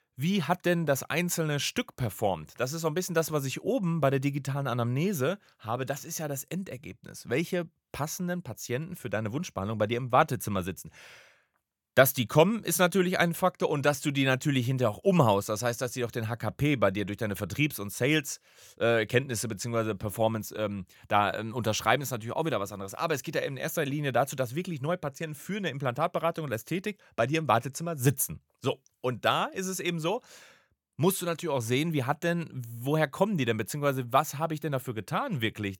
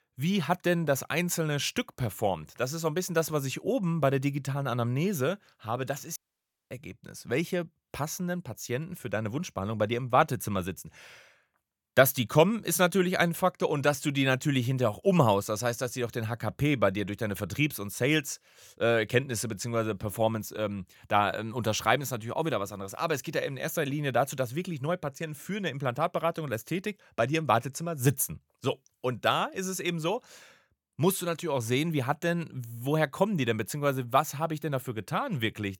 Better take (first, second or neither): first